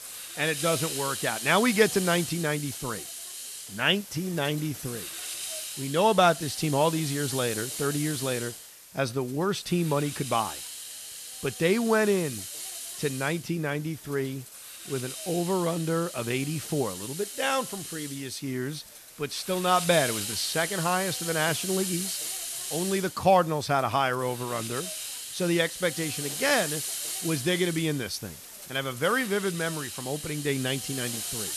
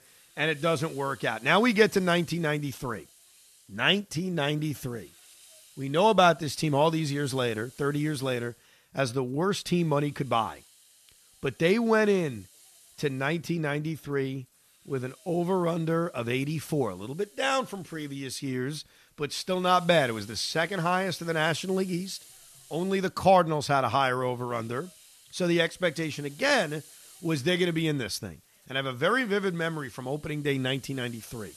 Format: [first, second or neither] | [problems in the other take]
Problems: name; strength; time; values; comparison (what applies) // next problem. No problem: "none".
second | hiss; loud; throughout; 6 dB below the speech; faint in the second